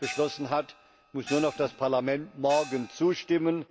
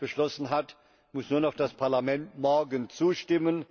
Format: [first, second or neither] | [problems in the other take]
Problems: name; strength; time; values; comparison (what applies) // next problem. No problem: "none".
second | background sound (Gong); 15 dB below the speech